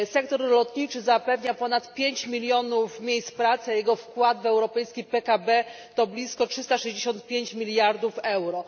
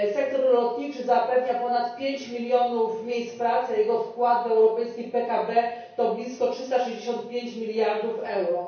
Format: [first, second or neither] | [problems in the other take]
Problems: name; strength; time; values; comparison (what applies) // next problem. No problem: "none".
first | room echo; dies away in 0.6 s